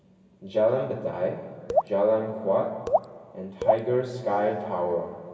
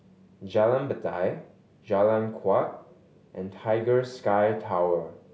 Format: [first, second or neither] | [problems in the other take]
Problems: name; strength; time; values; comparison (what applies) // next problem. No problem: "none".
second | background sound (Raindrop / Drip); as loud as the speech // room echo; dies away in 2.2 s